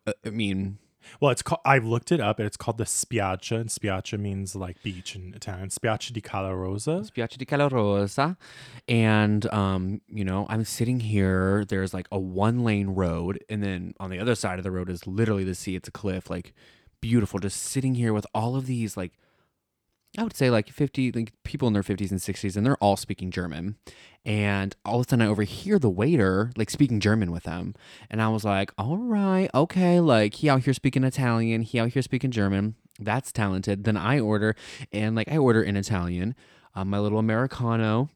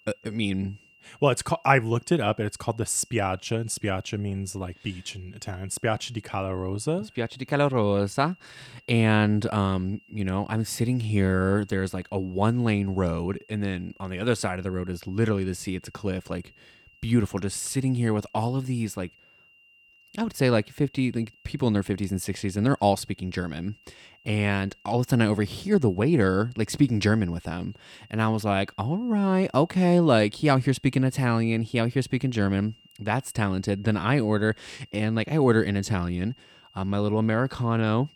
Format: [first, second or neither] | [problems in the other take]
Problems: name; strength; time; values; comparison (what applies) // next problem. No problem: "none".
first | high-pitched whine; faint; throughout; 3 kHz, 30 dB below the speech